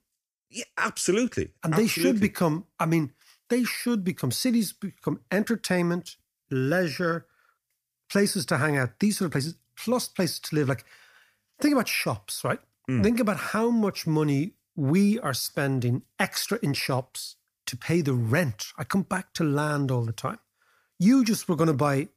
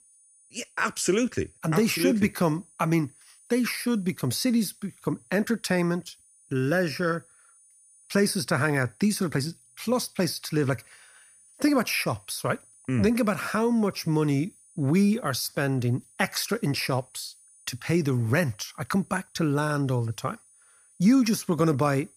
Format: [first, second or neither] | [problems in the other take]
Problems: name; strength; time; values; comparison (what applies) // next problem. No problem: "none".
first | high-pitched whine; faint; throughout; 9 kHz, 30 dB below the speech